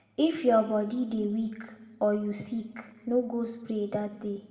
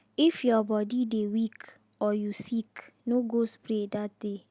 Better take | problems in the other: second | room echo; dies away in 1 s

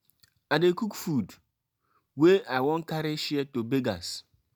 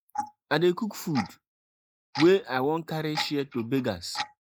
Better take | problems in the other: first | noise reduction (neural mask model Resemble Enhance denoiser)

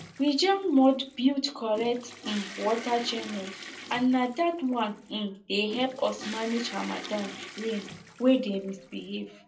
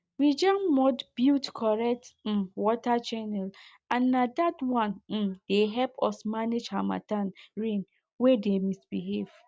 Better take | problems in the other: second | background sound (Toilet flush / Water); 15 dB below the speech // room echo; dies away in 0.2 s

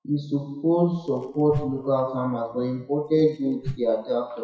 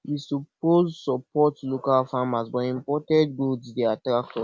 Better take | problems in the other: second | noise reduction (classical method WPE with log-MMSE)

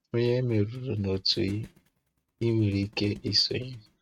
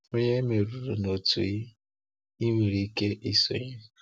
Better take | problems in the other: second | noise reduction (neural mask model RNNoise)

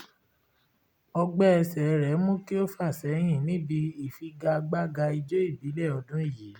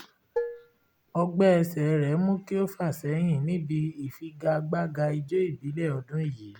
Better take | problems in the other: first | background sound (Dishes, pots, and pans); 7 dB below the speech

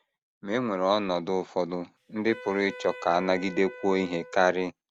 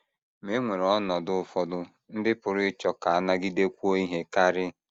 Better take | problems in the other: second | background sound (Wind instrument, woodwind instrument); 17 dB below the speech

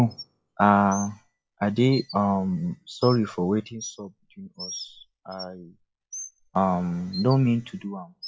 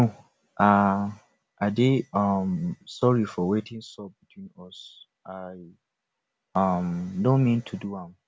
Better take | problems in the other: second | noise reduction (classical method log-MMSE)

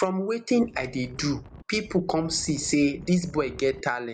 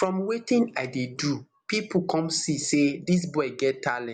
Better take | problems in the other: second | background sound (Wind); 19 dB below the speech

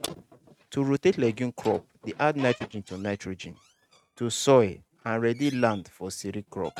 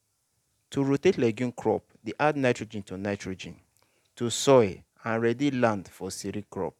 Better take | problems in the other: second | noise reduction (neural mask model RNNoise)

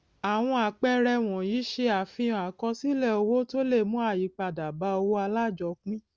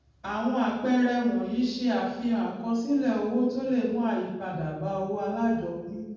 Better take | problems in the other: first | room echo; dies away in 1.1 s

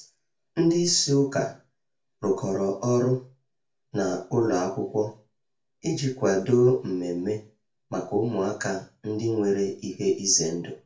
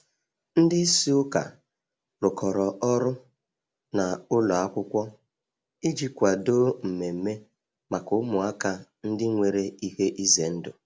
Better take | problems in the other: second | room echo; dies away in 0.3 s

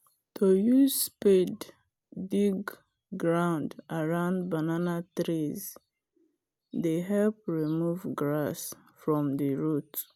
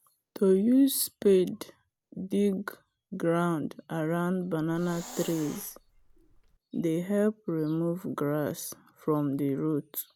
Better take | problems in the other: first | background sound (Hiss); 17 dB below the speech

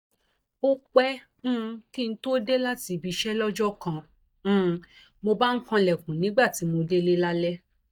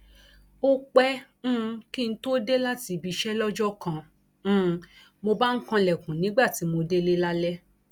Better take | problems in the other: second | noise reduction (neural mask model DeepFilterNet 3)

